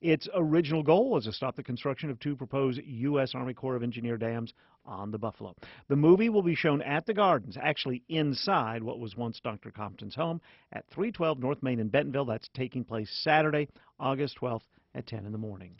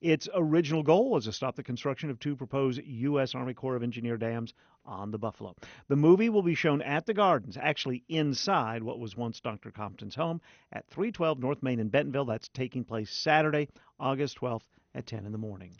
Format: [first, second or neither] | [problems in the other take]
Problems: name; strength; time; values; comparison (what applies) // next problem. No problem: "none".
second | garbled, watery; badly; nothing above 5.5 kHz; slightly in the second